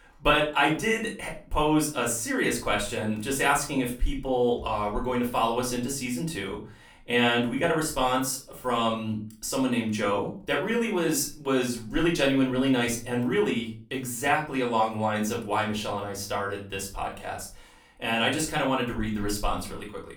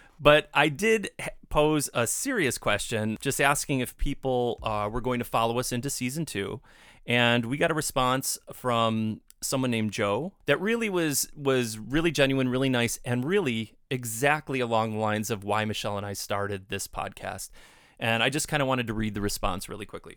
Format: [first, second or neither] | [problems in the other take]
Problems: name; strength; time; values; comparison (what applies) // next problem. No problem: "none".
second | room echo; slight; dies away in 0.3 s // off-mic speech; far